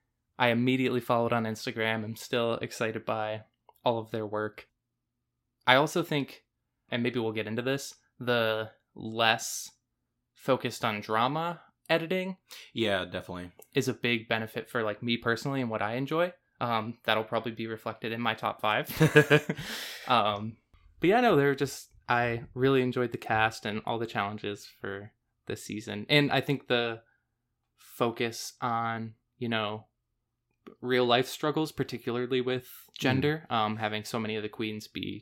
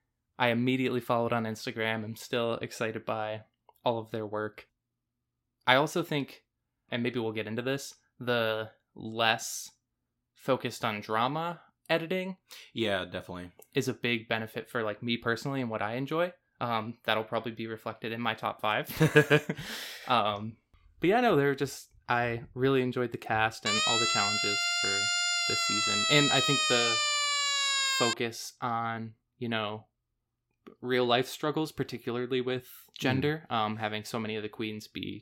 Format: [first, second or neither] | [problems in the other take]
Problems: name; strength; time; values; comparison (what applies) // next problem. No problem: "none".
first | siren; loud; from 24 to 28 s; peak 6 dB above the speech